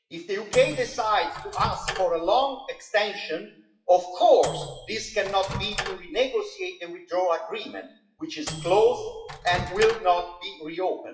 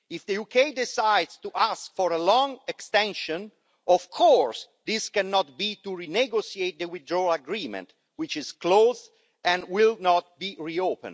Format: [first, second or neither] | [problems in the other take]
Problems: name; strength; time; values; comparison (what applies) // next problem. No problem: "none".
second | noise reduction (classical method WPE with log-MMSE)